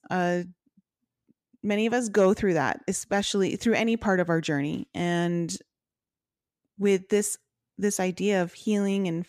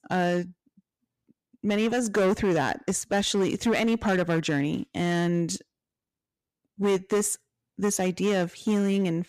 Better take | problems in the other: first | distortion; slight; 8% of the sound clipped

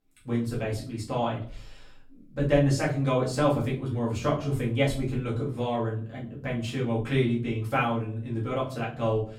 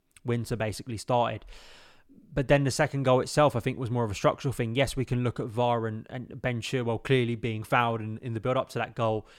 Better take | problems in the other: second | off-mic speech; far // room echo; slight; dies away in 0.4 s

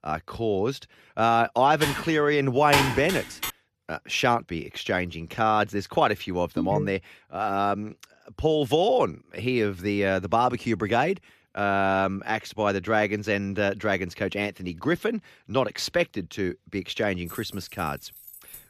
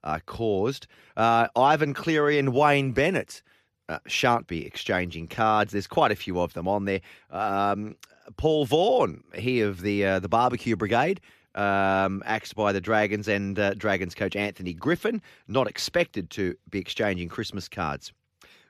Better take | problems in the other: second | keyboard typing; loud; from 2 to 3.5 s; peak 2 dB above the speech // phone ringing; noticeable; at 6.5 s; peak 4 dB below the speech // jangling keys; faint; from 17 s on; peak 15 dB below the speech

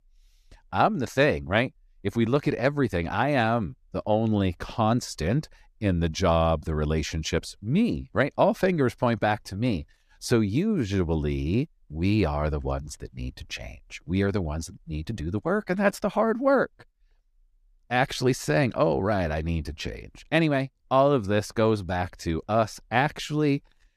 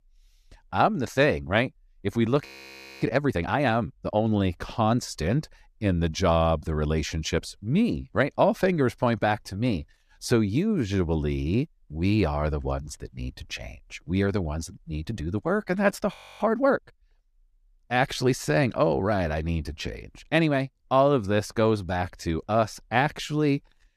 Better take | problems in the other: first | audio freezing; at 2.5 s for 0.5 s and at 16 s

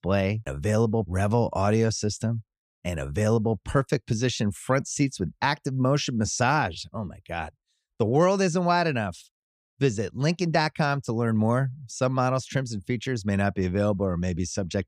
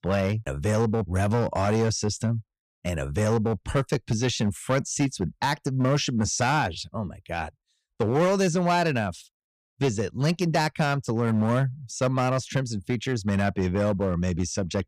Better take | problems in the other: first | distortion; slight; 7% of the sound clipped

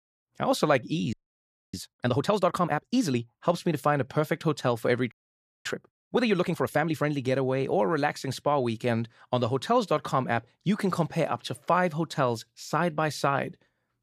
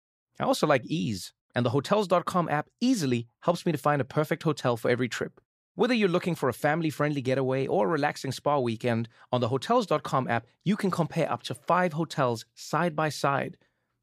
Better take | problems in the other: second | audio freezing; at 1 s for 0.5 s and at 5 s for 0.5 s

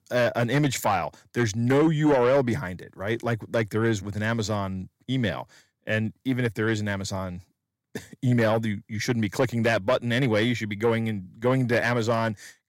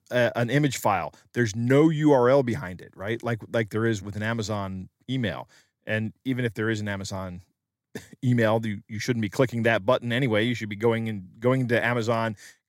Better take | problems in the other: second | distortion; slight; 10 dB below the speech

